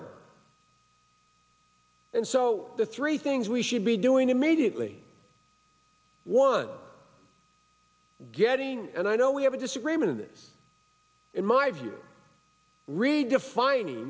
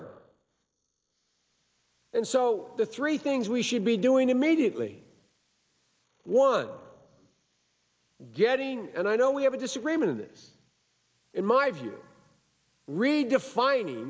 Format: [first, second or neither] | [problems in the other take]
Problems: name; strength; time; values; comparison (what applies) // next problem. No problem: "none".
first | noise reduction (neural mask model Resemble Enhance denoiser)